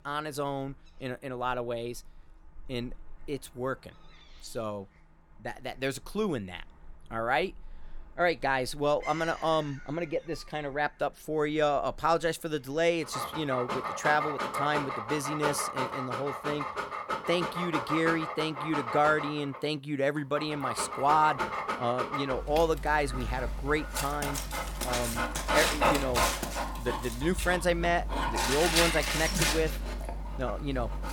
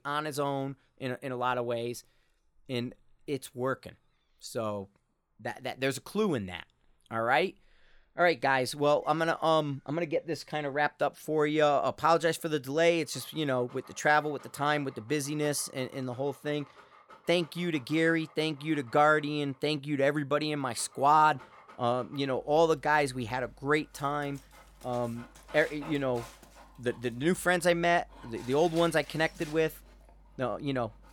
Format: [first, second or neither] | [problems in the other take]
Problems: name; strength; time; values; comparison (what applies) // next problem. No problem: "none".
second | animal sounds; loud; throughout; 2 dB below the speech; faint in the second